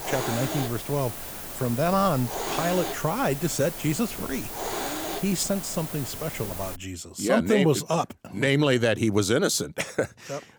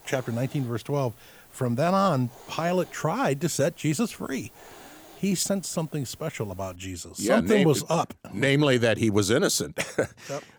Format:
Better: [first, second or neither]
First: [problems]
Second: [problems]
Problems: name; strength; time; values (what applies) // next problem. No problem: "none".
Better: second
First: hiss; loud; until 7 s; 7 dB below the speech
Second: hiss; faint; until 7 s; 25 dB below the speech